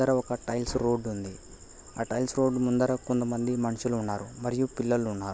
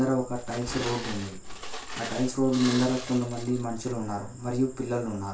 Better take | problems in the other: first | background sound (Glass); 11 dB below the speech // room echo; dies away in 0.3 s

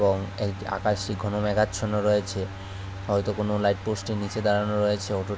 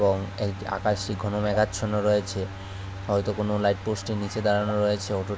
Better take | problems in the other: first | background sound (Raindrop / Drip); 17 dB below the speech

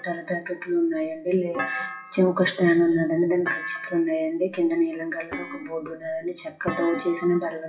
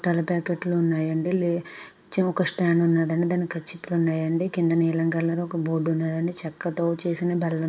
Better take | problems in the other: second | noise reduction (classical method WPE with log-MMSE)

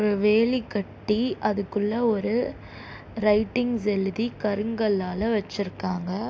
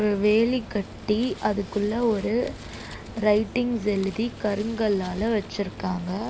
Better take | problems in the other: first | background sound (Wind); 17 dB below the speech

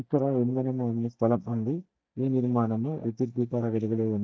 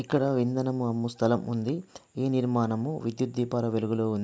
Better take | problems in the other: second | noise reduction (neural mask model DeepFilterNet 3)

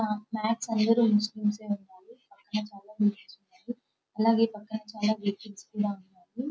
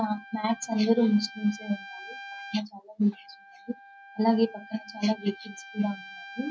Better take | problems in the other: first | background sound (Trumpet); 17 dB below the speech

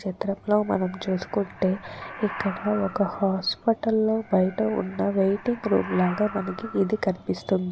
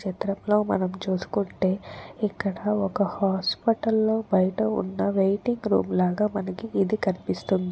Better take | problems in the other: second | background sound (Animal); 16 dB below the speech

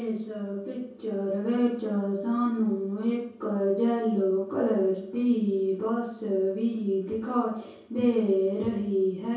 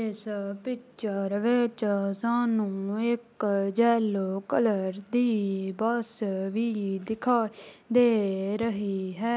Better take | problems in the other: second | room echo; dies away in 0.6 s

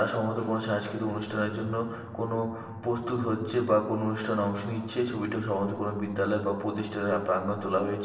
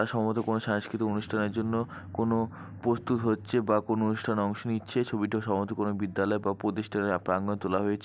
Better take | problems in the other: second | room echo; dies away in 1.4 s

